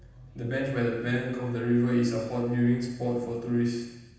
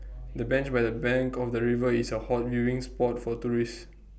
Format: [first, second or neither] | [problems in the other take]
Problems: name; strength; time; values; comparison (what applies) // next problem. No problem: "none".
second | room echo; dies away in 1.1 s